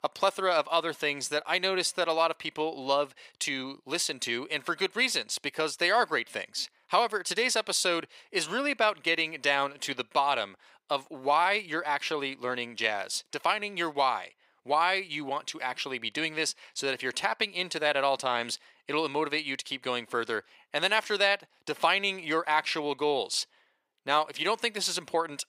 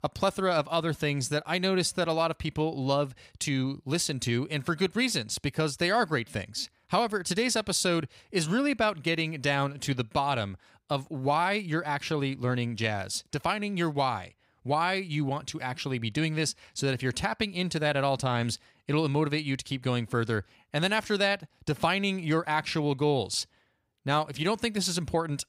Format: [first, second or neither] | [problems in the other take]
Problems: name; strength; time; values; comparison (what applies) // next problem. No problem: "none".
second | thin; somewhat; fading below 450 Hz